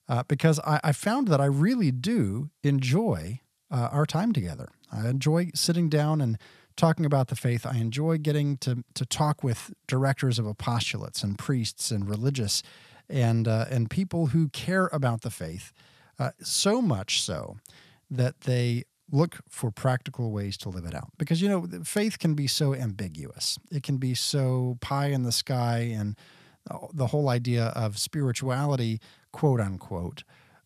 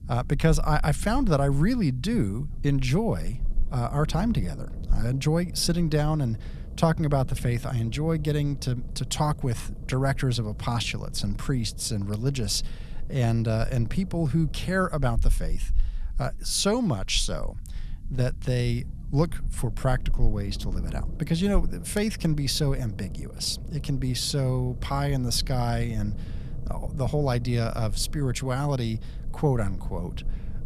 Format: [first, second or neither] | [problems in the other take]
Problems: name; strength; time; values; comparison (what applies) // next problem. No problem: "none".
first | low rumble; faint; throughout; 20 dB below the speech